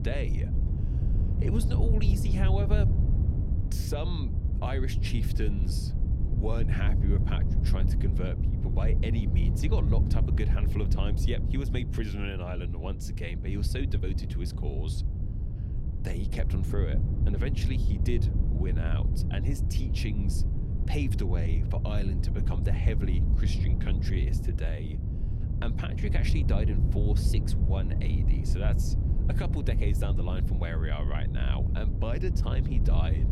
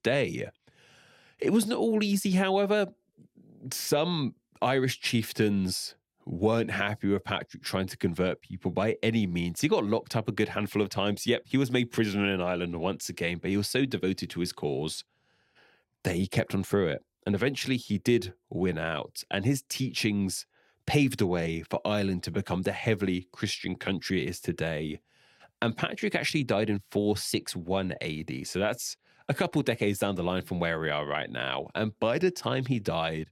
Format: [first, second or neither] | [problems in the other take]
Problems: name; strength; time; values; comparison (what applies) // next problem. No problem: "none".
second | wind noise on the microphone; heavy; 3 dB below the speech